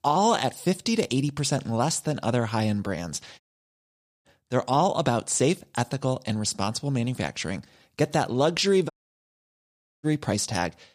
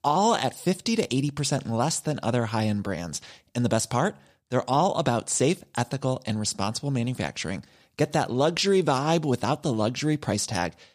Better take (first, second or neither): second